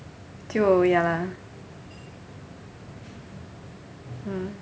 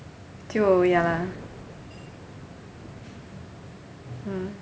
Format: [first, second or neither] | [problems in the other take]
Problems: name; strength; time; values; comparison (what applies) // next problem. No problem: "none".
first | background sound (Thunder); 17 dB below the speech